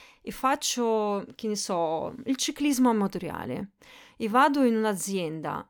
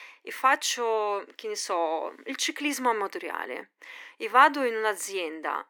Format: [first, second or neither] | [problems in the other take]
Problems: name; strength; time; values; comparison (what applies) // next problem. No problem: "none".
first | thin; somewhat; fading below 300 Hz